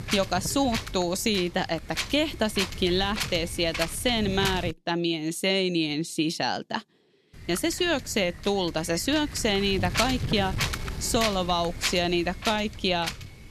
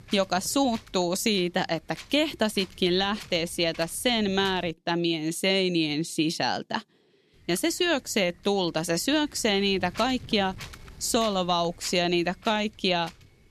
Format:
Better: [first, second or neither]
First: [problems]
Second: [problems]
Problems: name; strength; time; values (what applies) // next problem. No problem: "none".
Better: second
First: wind noise on the microphone; heavy; until 4.5 s and from 7.5 s on; 7 dB below the speech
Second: wind noise on the microphone; occasional gusts; until 4.5 s and from 7.5 s on; 20 dB below the speech